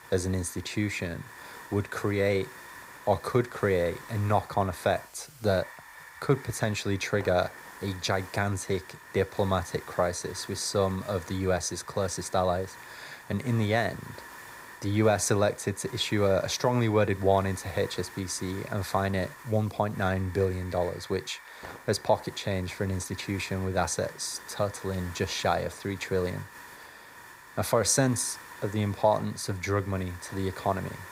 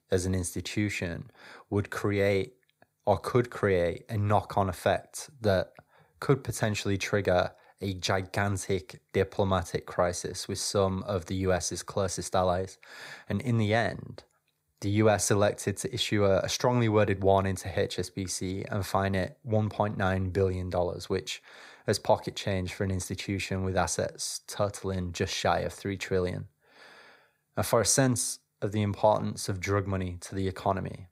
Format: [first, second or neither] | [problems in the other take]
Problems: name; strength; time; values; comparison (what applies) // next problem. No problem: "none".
second | hiss; noticeable; throughout; 15 dB below the speech